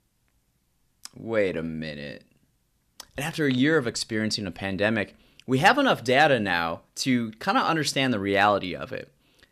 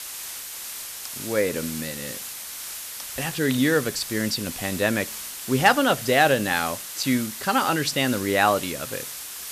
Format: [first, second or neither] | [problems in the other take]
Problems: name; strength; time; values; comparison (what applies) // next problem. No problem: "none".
first | hiss; loud; throughout; 9 dB below the speech